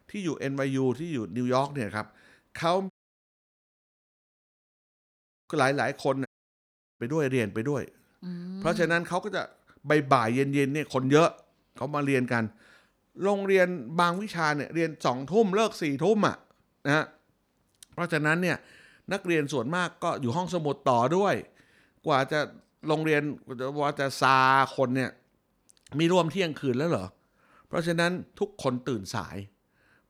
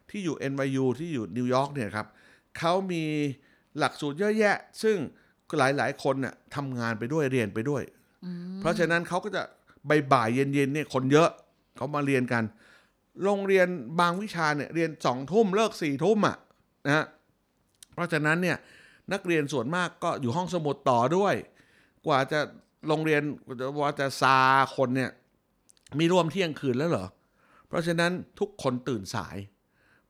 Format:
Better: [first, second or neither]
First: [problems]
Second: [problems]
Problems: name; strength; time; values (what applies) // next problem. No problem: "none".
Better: second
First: audio cutting out; at 3 s for 2.5 s and at 6.5 s for 0.5 s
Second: none